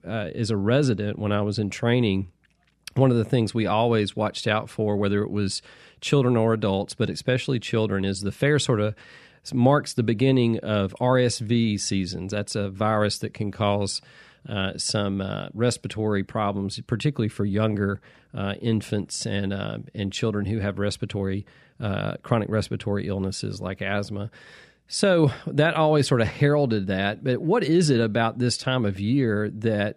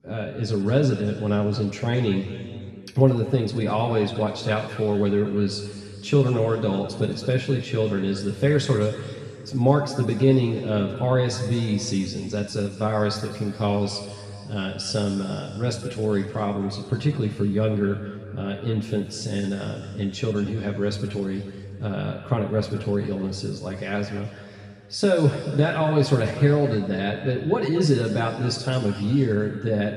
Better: first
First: none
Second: room echo; noticeable; dies away in 2.2 s // off-mic speech; far

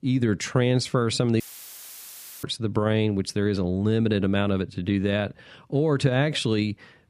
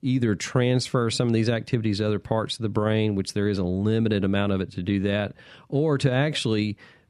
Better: second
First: audio cutting out; filled with static; at 1.5 s for 1 s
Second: none

